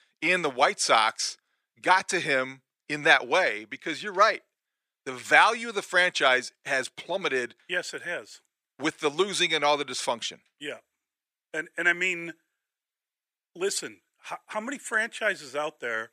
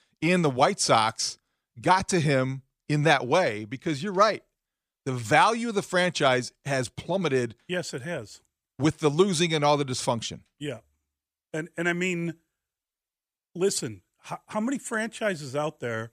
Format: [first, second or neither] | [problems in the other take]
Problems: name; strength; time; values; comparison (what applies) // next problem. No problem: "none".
second | thin; somewhat; fading below 350 Hz